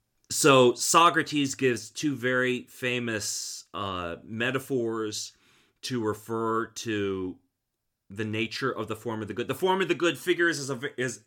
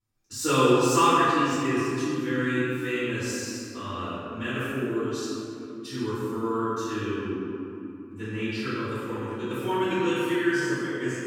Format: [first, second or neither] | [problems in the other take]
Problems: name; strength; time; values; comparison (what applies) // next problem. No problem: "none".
first | off-mic speech; far // room echo; strong; dies away in 2.7 s